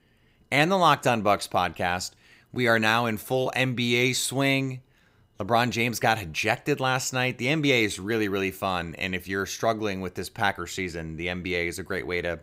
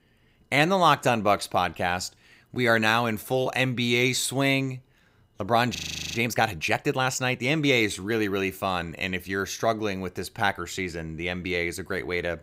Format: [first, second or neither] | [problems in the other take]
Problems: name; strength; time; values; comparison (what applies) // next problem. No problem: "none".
first | audio freezing; at 6 s